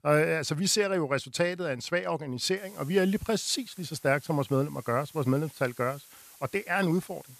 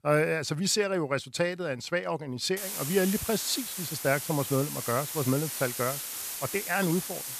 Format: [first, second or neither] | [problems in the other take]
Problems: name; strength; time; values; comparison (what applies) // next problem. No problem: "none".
first | hiss; loud; from 2.5 s on; 4 dB below the speech; faint in the first